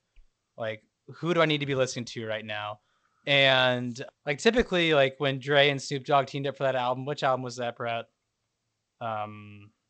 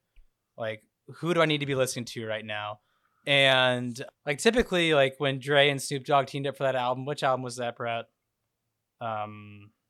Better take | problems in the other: second | garbled, watery; slightly; nothing above 8 kHz

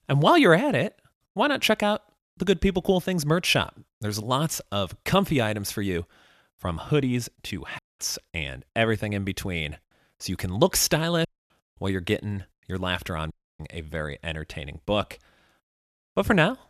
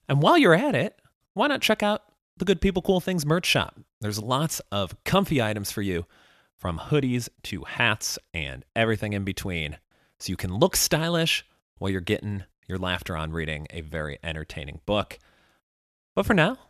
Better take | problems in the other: second | audio cutting out; at 8 s, at 11 s and at 13 s

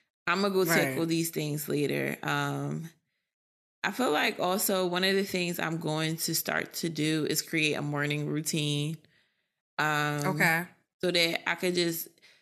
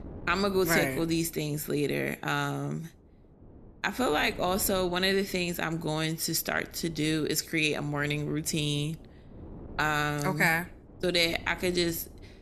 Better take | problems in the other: first | wind noise on the microphone; occasional gusts; 25 dB below the speech

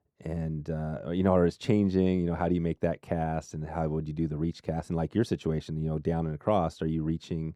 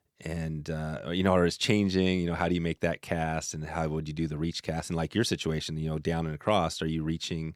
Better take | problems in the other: second | muffled; slightly; fading above 1.5 kHz

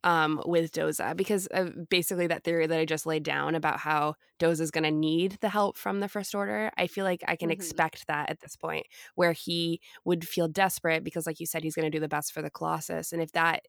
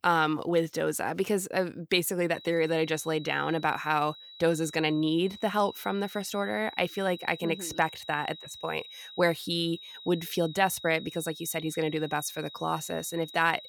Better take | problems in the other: first | high-pitched whine; noticeable; from 2.5 s on; 4 kHz, 15 dB below the speech

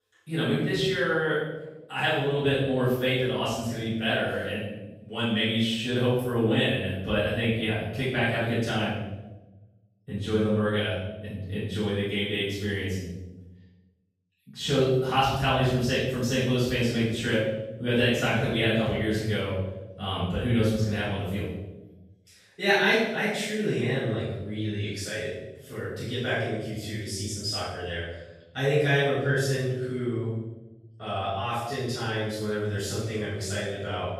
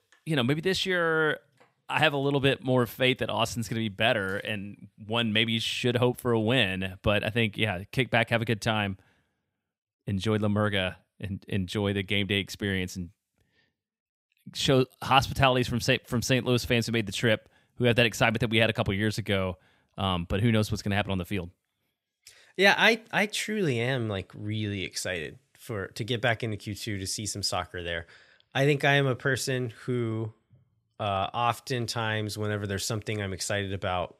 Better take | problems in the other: second | room echo; strong; dies away in 0.9 s // off-mic speech; far

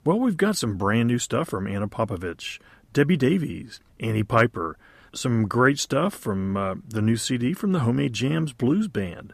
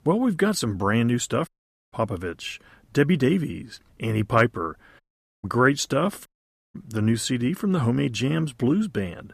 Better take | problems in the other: first | audio cutting out; at 1.5 s, at 5 s and at 6.5 s

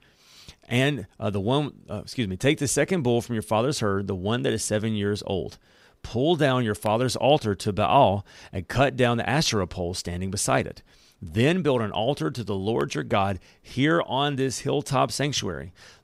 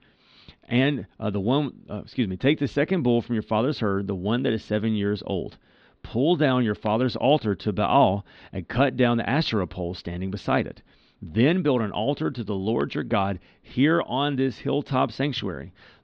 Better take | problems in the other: first | muffled; slightly; fading above 4 kHz

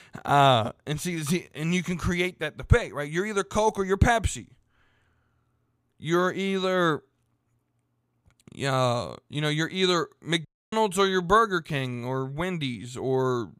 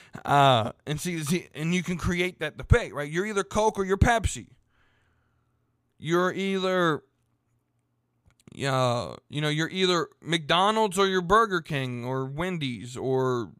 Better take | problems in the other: second | audio cutting out; at 10 s

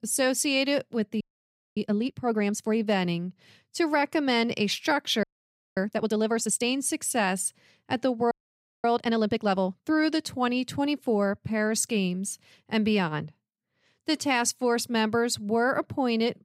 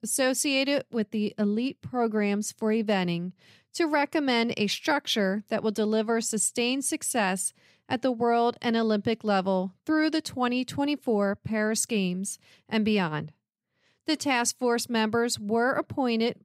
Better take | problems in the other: second | audio freezing; at 1 s for 0.5 s, at 5 s for 0.5 s and at 8.5 s for 0.5 s

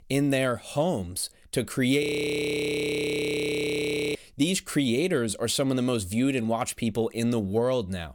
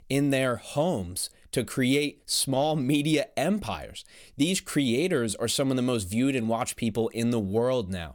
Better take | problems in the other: second | audio freezing; at 2 s for 2 s

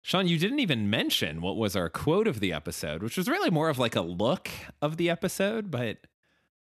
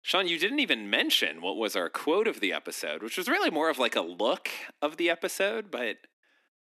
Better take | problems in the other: first | thin; somewhat; fading below 250 Hz

